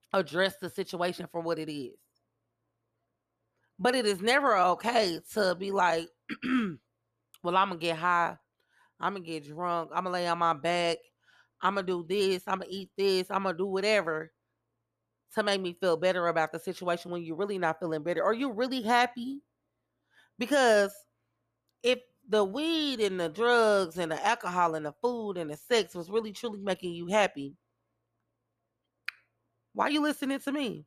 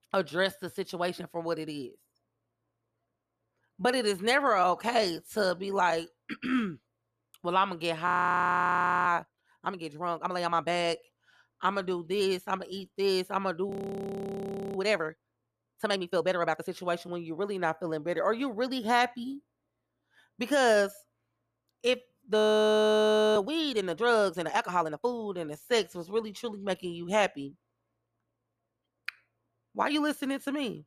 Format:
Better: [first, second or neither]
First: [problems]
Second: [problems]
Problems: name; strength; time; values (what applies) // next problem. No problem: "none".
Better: first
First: none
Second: audio freezing; at 8 s for 1 s, at 14 s for 1 s and at 22 s for 1 s